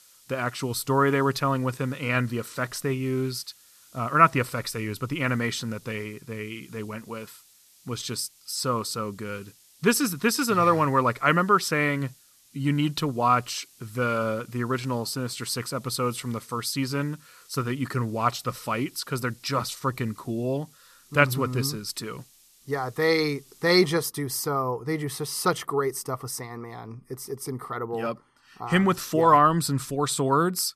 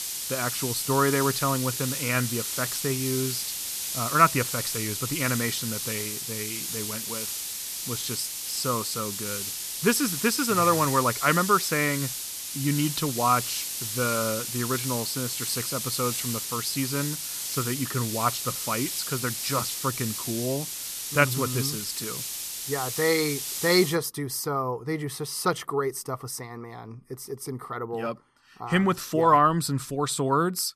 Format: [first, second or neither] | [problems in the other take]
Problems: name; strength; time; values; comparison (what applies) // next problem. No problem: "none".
first | hiss; loud; until 24 s; 3 dB below the speech; faint in the first